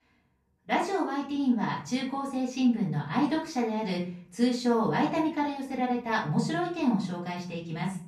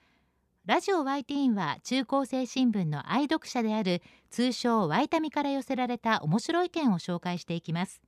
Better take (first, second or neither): second